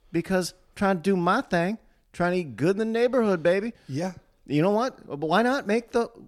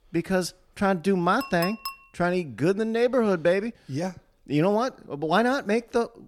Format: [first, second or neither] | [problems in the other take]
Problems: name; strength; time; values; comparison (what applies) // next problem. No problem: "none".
first | clattering dishes; noticeable; at 1.5 s; peak 8 dB below the speech